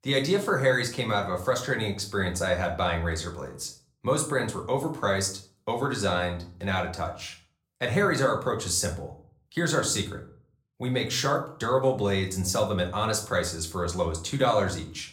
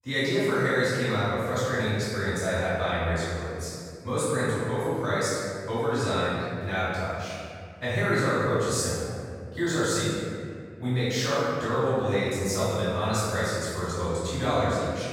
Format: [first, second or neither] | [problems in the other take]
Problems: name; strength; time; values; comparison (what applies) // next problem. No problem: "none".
first | room echo; strong; dies away in 2 s; slight in the first // off-mic speech; far; somewhat distant in the first